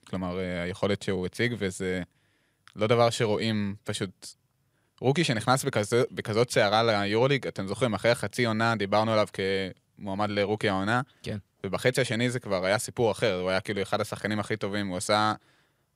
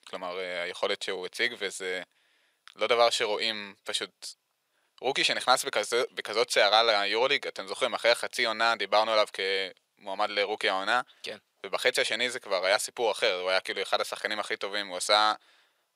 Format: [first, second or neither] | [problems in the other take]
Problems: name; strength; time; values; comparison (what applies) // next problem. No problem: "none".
first | thin; very; fading below 600 Hz